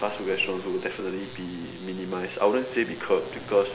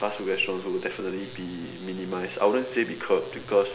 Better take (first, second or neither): second